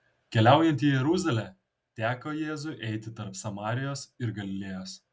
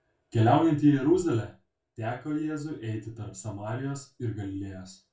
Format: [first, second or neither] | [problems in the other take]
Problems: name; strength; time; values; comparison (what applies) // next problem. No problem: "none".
first | room echo; dies away in 0.3 s